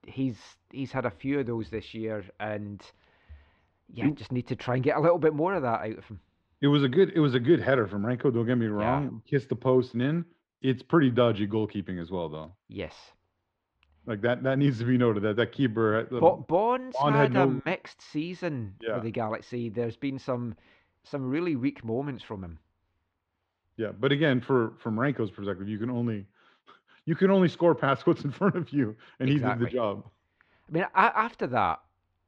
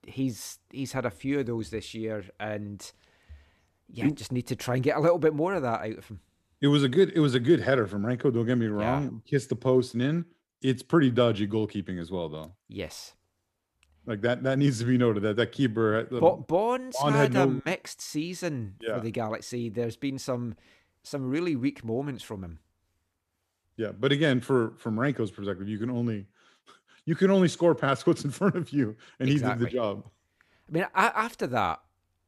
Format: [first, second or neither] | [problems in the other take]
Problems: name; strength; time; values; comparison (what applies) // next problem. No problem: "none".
second | muffled; slightly; fading above 3.5 kHz